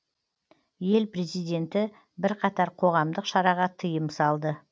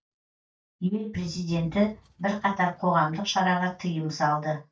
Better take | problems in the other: first | noise reduction (neural mask model DeepFilterNet 3)

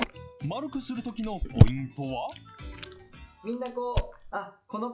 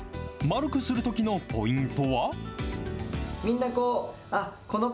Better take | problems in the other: second | noise reduction (classical method log-MMSE)

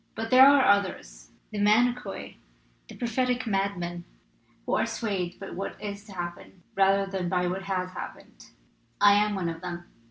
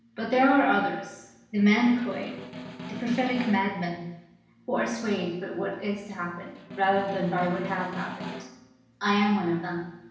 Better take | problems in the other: first | background sound (Snare drum); 13 dB below the speech // room echo; dies away in 0.8 s

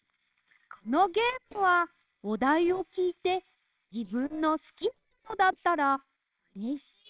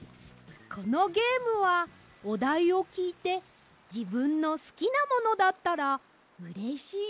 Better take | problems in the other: second | noise reduction (neural separator model SepFormer WHAMR!)

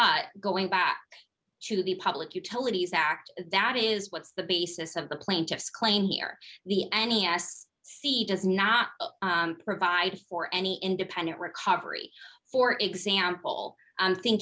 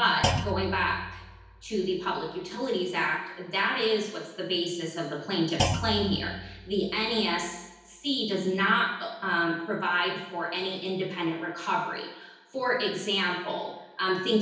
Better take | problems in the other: first | background sound (Thump, thud); 7 dB below the speech // room echo; dies away in 0.9 s

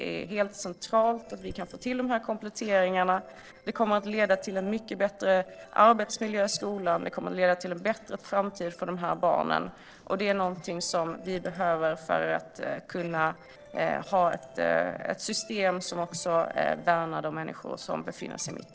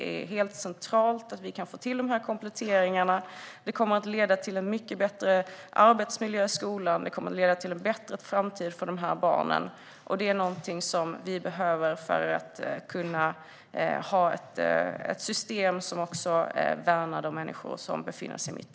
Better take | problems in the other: second | noise reduction (neural separator model SepFormer DNS4)

